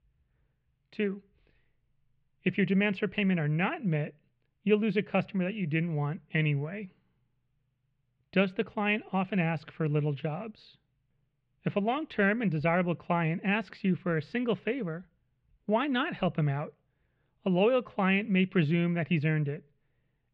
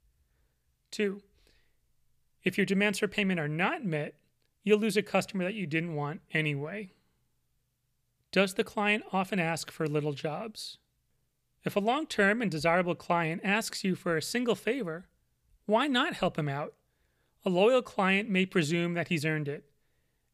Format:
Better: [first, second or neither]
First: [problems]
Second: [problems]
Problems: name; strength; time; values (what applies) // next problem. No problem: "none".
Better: second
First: muffled; very; fading above 3 kHz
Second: none